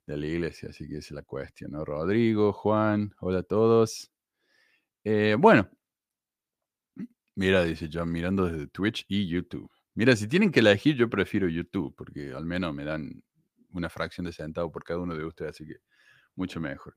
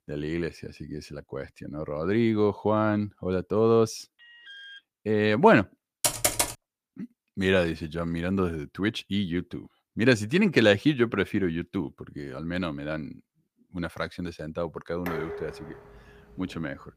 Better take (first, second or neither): first